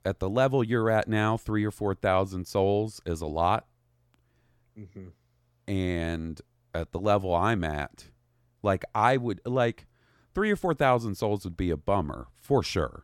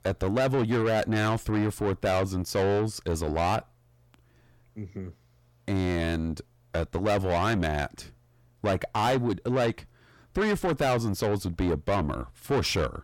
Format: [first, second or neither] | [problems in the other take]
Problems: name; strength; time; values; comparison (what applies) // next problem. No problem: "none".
first | distortion; heavy; 6 dB below the speech